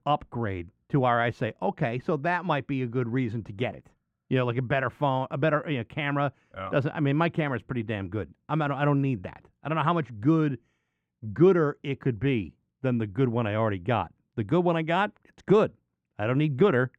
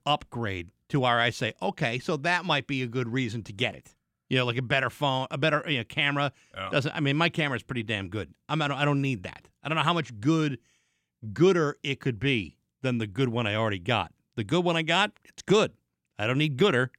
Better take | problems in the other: second | muffled; very; fading above 2.5 kHz

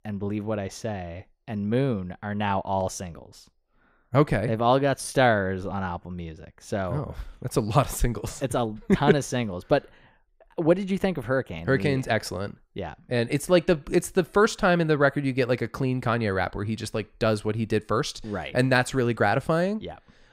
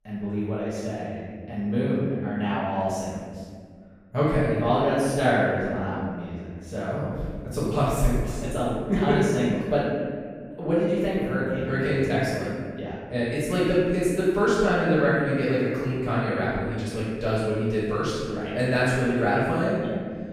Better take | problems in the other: first | room echo; strong; dies away in 1.9 s // off-mic speech; far

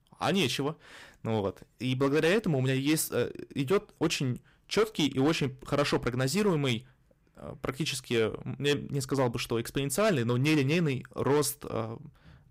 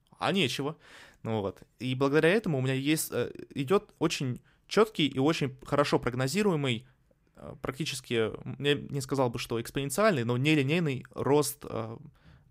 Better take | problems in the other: second | distortion; slight; 5% of the sound clipped

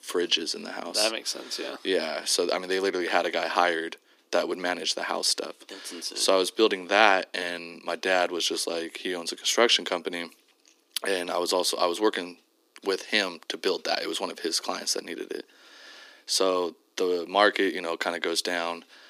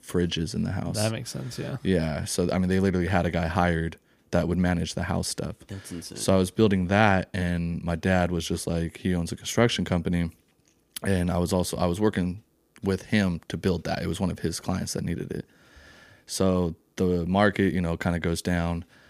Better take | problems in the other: second | thin; very; fading below 300 Hz

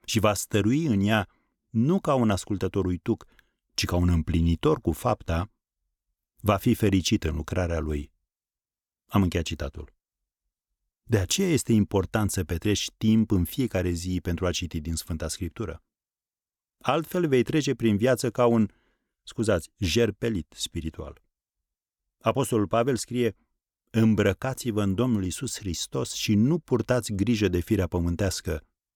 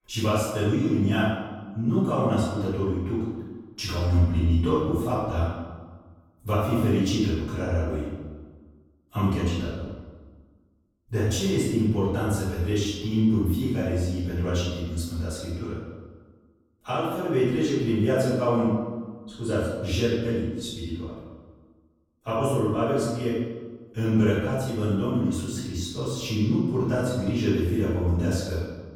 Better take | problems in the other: first | off-mic speech; far // room echo; strong; dies away in 1.2 s

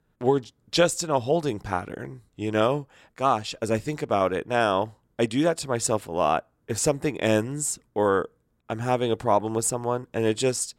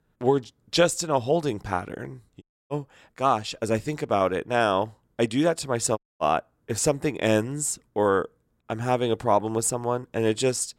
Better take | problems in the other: first | audio cutting out; at 2.5 s and at 6 s

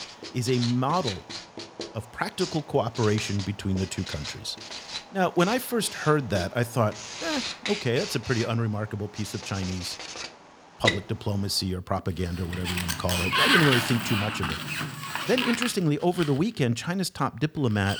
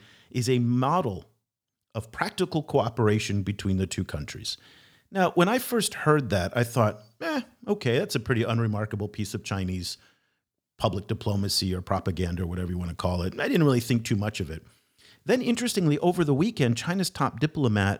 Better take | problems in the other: second | household noises; loud; throughout; 3 dB below the speech

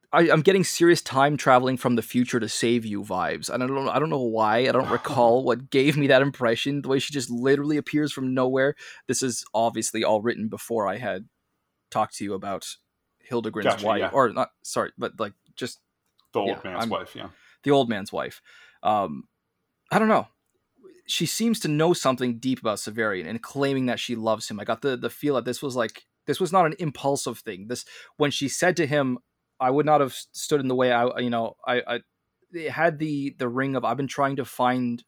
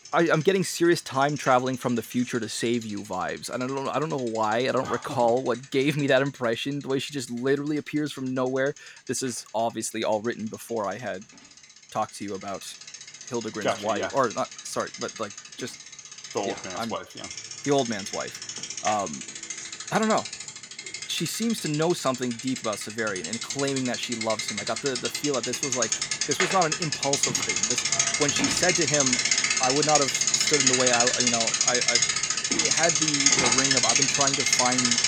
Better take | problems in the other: first | traffic noise; very loud; throughout; 4 dB above the speech

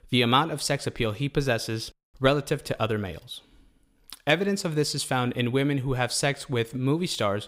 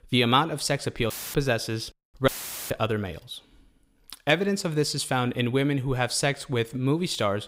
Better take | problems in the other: first | audio cutting out; filled with static; at 1 s and at 2.5 s

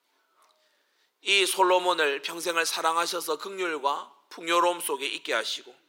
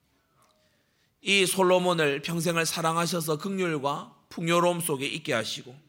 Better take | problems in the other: second | thin; very; fading below 350 Hz

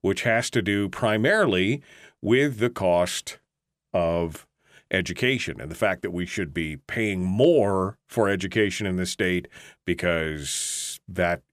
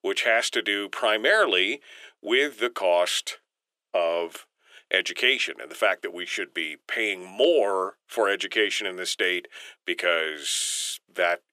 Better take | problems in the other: first | thin; very; fading below 400 Hz

